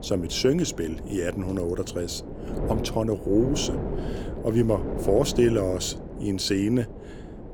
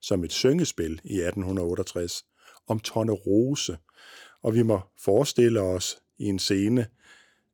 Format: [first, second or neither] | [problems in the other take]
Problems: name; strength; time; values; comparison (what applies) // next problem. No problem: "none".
second | wind noise on the microphone; heavy; 10 dB below the speech